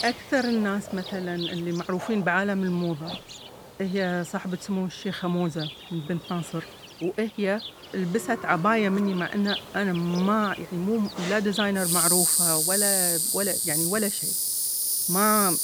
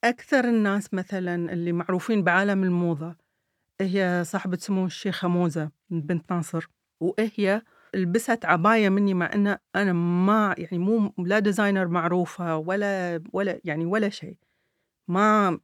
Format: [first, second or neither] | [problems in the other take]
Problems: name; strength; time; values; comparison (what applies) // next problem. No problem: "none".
second | animal sounds; very loud; throughout; 3 dB above the speech